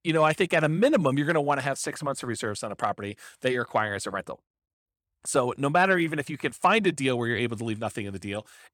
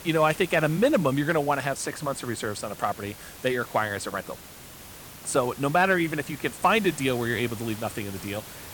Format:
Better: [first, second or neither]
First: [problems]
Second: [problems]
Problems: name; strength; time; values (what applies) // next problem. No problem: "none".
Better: first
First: none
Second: hiss; noticeable; throughout; 15 dB below the speech